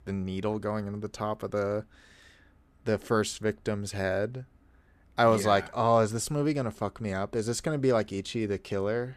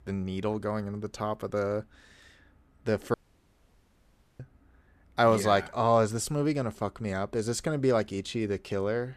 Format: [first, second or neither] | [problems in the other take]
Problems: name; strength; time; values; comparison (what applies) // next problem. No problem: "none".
first | audio cutting out; at 3 s for 1 s